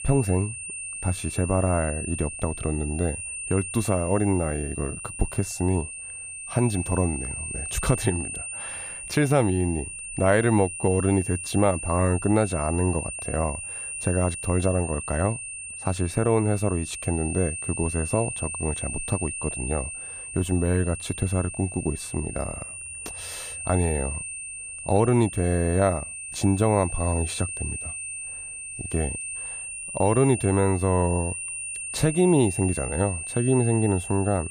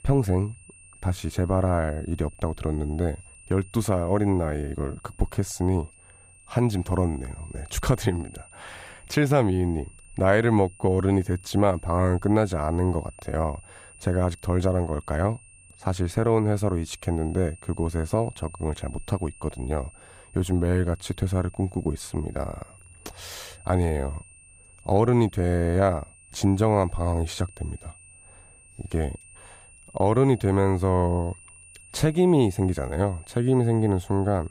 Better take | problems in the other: second | high-pitched whine; loud; throughout; 9 kHz, 7 dB below the speech; faint in the second

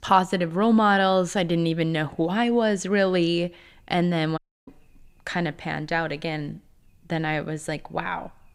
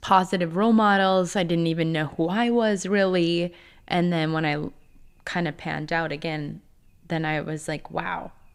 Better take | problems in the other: second | audio cutting out; at 4.5 s

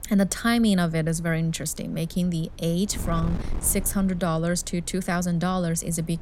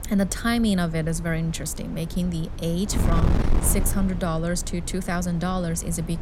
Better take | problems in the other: first | wind noise on the microphone; heavy; 9 dB below the speech; occasional gusts in the first

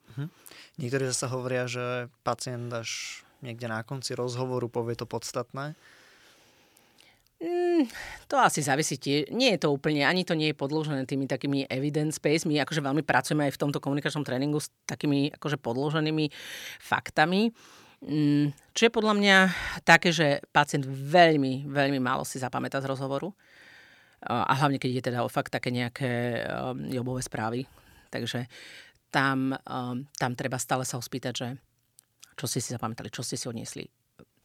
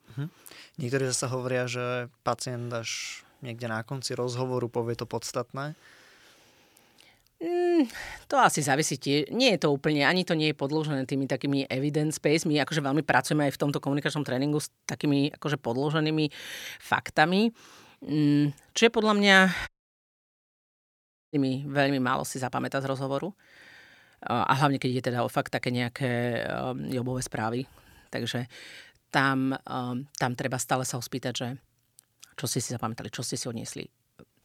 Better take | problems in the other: first | audio cutting out; at 20 s for 1.5 s

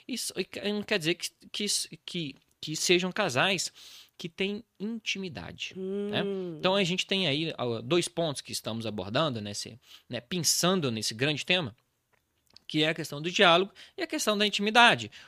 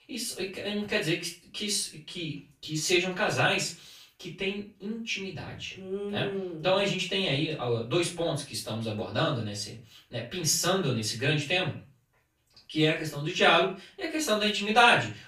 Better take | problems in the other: first | off-mic speech; far // room echo; slight; dies away in 0.3 s

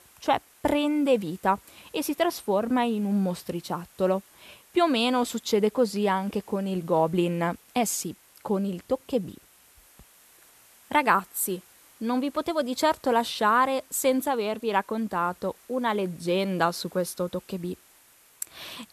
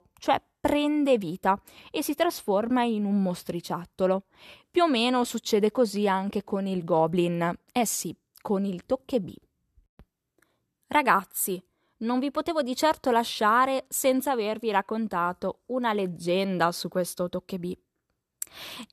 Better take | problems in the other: second | hiss; faint; throughout; 25 dB below the speech

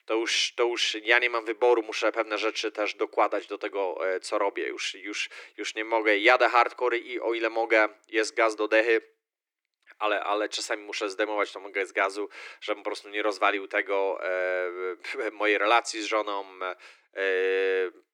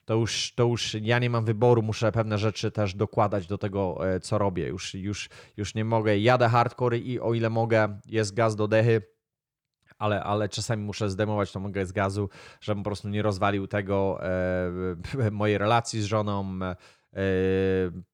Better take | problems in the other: second | thin; very; fading below 300 Hz

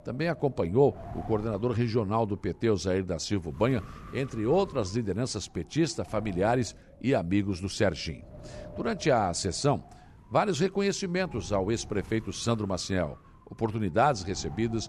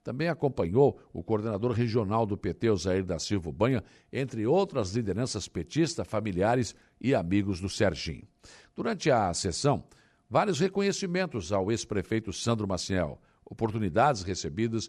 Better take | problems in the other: second | wind noise on the microphone; occasional gusts; 20 dB below the speech

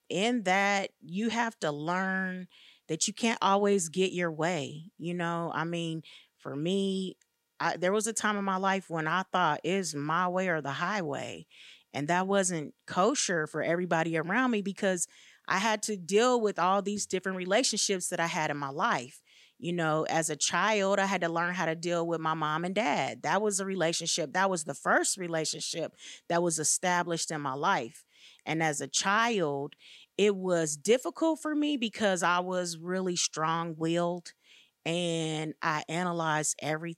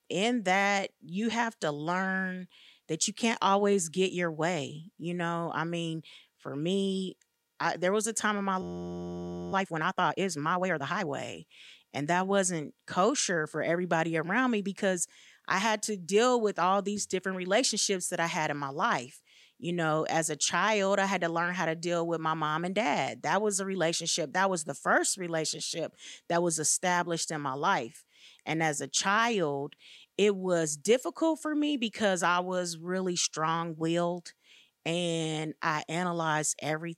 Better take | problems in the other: first | audio freezing; at 8.5 s for 1 s

